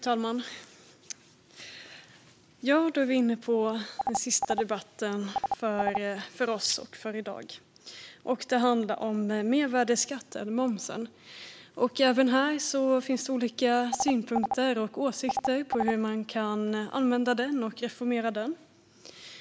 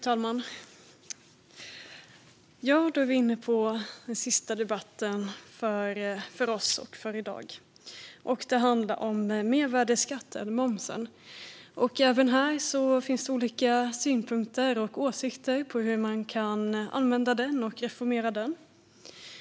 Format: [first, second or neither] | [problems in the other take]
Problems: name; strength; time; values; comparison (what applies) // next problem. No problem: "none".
second | background sound (Telephone); 5 dB below the speech